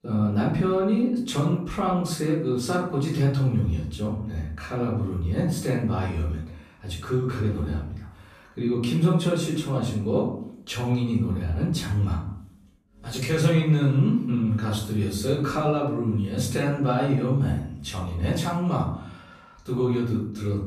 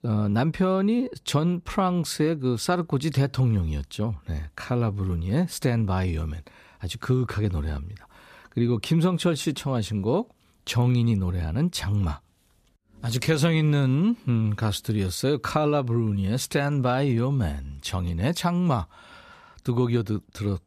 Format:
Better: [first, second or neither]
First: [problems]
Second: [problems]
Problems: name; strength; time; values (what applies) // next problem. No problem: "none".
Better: second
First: off-mic speech; far // room echo; noticeable; dies away in 0.6 s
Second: none